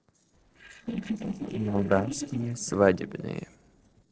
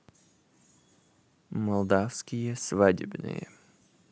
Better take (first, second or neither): second